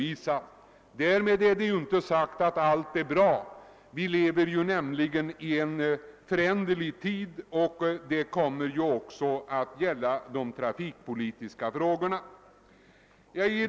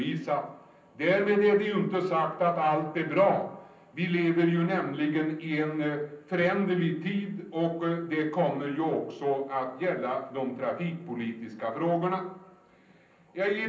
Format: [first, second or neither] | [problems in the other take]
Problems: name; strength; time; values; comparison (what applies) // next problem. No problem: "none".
first | room echo; dies away in 0.6 s